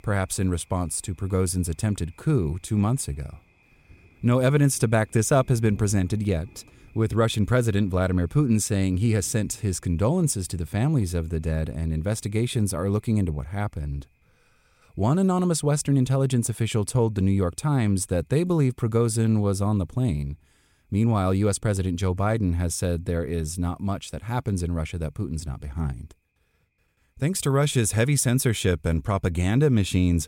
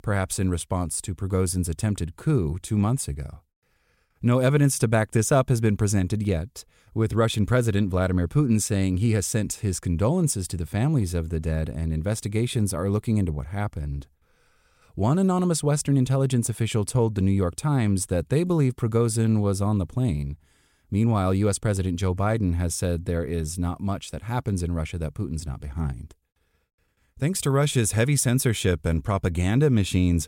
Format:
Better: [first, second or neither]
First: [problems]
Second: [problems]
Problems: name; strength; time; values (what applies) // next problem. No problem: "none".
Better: second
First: rain or running water; faint; throughout; 30 dB below the speech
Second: none